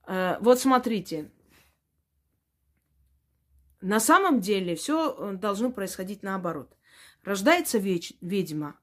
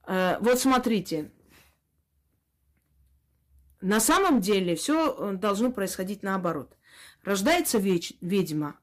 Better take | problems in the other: first | distortion; heavy; 5% of the sound clipped

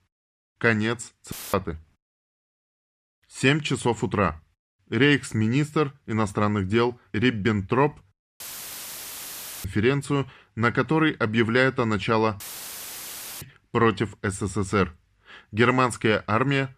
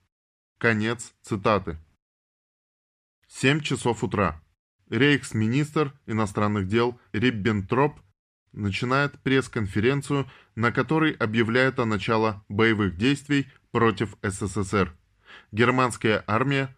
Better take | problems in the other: second | audio cutting out; filled with static; at 1.5 s, at 8.5 s for 1 s and at 12 s for 1 s

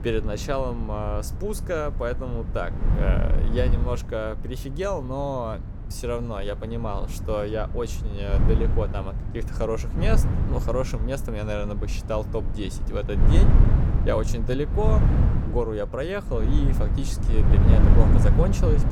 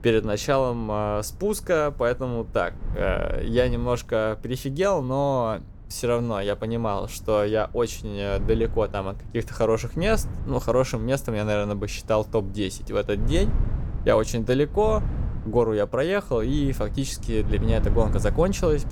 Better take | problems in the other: second | wind noise on the microphone; heavy; 6 dB below the speech; occasional gusts in the second

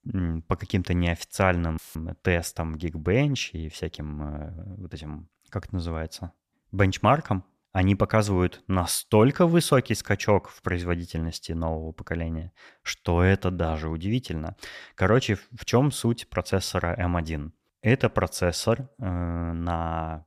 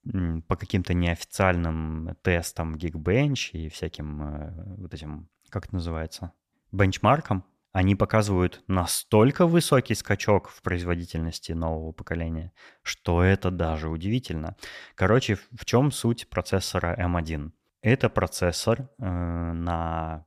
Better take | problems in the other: second | audio cutting out; filled with static; at 2 s

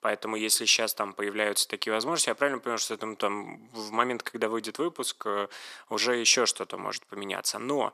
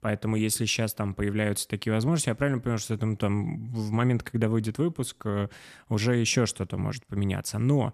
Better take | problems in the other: second | thin; very; fading below 400 Hz

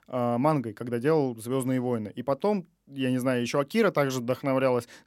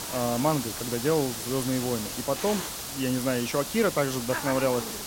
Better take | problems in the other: first | hiss; loud; throughout; 5 dB below the speech

